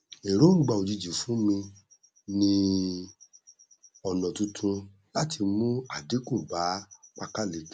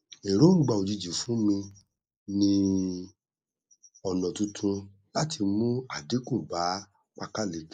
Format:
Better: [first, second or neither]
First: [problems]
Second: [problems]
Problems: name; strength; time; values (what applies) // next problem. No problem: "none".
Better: first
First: none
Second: noise reduction (neural mask model Resemble Enhance denoiser)